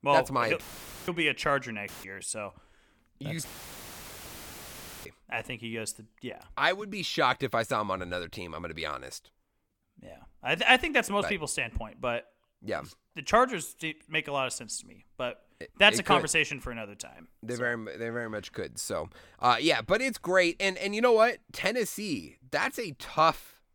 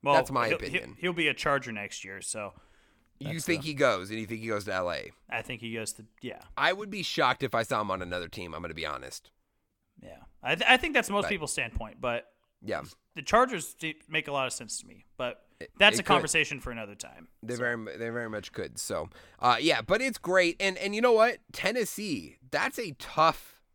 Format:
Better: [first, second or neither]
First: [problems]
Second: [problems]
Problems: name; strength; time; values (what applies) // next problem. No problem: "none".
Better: second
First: audio cutting out; filled with static; at 0.5 s, at 2 s and at 3.5 s for 1.5 s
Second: none